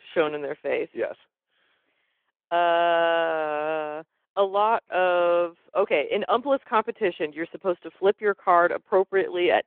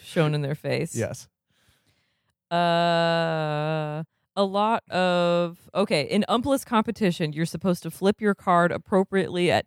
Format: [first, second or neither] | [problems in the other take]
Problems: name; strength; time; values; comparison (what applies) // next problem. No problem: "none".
second | phone-call audio